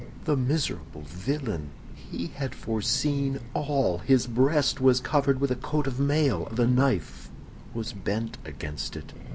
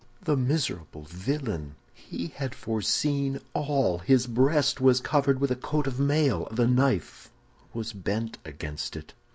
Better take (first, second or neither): second